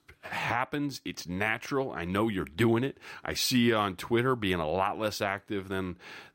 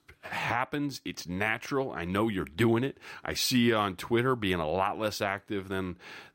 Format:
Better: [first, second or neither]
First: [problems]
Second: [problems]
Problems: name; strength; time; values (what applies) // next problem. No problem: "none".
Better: neither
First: none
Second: none